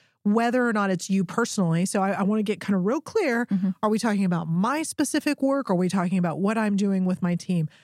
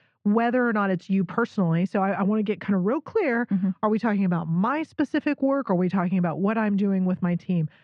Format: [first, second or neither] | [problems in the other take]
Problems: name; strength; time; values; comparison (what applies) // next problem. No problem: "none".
first | muffled; very; fading above 2.5 kHz